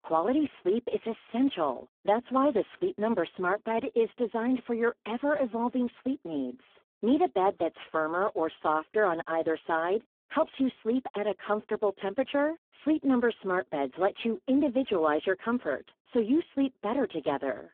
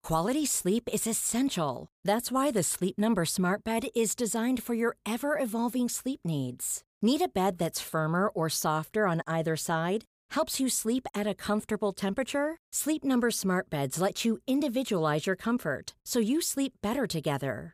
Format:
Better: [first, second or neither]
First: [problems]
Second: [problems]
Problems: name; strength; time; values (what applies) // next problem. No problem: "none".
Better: second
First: phone-call audio; poor line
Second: none